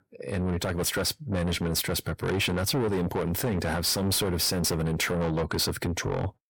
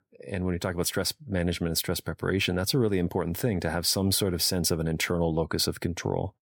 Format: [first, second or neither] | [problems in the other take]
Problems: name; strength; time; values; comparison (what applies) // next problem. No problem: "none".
second | distortion; heavy; 6 dB below the speech